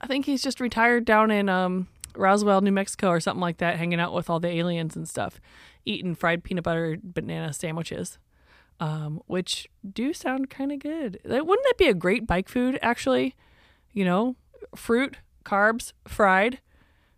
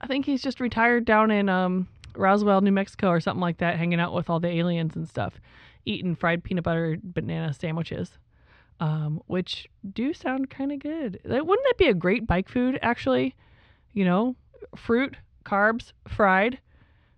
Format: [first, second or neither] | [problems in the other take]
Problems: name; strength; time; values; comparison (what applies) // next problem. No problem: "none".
first | muffled; very slightly; fading above 4 kHz